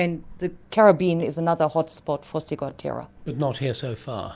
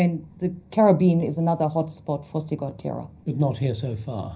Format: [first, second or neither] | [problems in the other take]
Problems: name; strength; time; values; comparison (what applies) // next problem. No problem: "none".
first | room echo; dies away in 0.4 s